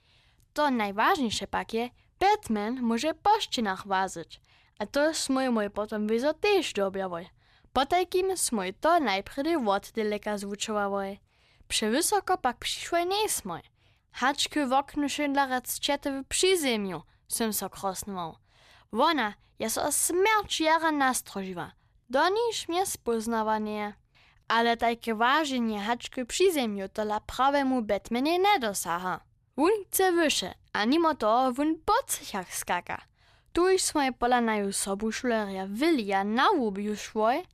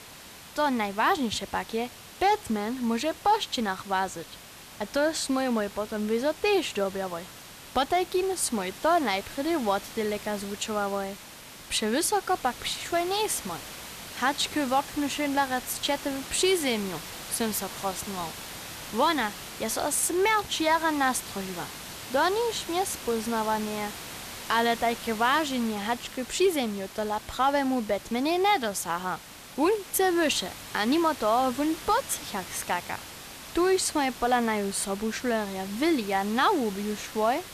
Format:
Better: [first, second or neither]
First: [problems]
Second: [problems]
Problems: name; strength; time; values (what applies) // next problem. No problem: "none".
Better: first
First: none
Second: hiss; noticeable; throughout; 15 dB below the speech